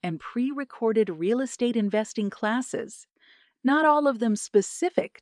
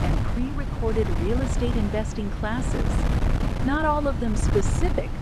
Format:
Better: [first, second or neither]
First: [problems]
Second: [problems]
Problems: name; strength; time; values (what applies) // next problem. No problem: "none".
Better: first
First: none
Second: wind noise on the microphone; heavy; 5 dB below the speech